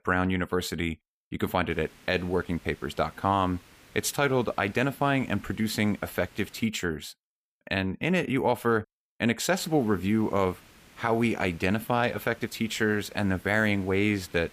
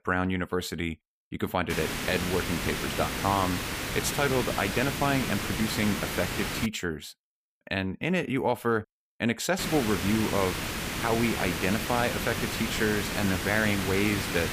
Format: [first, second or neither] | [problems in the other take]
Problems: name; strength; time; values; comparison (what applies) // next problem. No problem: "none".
first | hiss; loud; from 1.5 to 6.5 s and from 9.5 s on; 2 dB below the speech; faint in the first